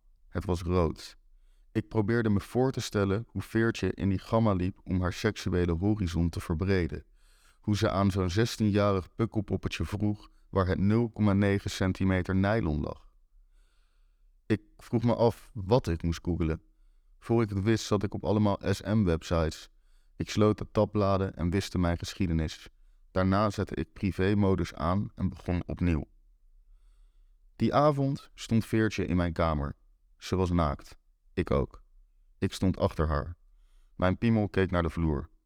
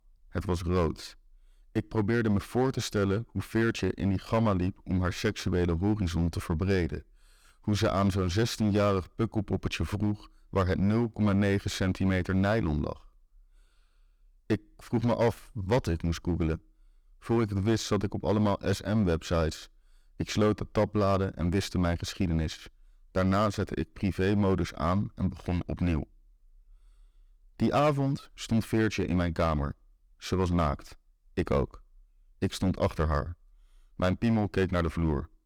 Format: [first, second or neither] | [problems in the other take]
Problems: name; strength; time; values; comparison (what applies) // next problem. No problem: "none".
first | distortion; slight; 5% of the sound clipped